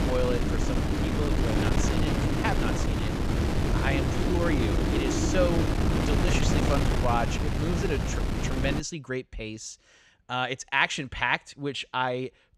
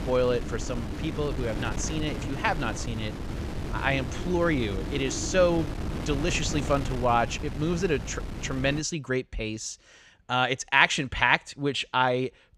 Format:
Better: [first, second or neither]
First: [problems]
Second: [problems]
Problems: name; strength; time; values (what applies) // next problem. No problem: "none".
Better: second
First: wind noise on the microphone; heavy; until 9 s; 2 dB below the speech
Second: wind noise on the microphone; occasional gusts; until 9 s; 15 dB below the speech